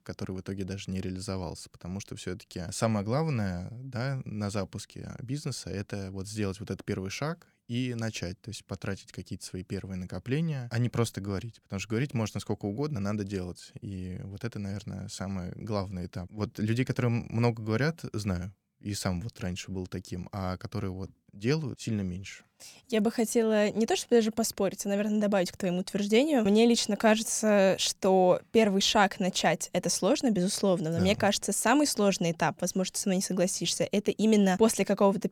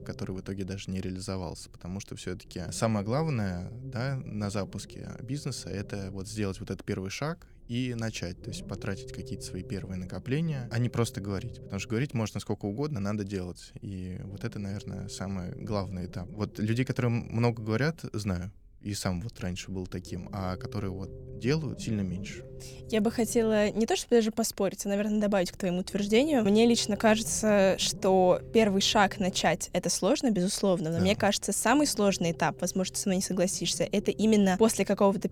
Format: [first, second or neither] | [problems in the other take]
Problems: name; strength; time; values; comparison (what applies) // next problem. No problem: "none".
first | low rumble; faint; throughout; 20 dB below the speech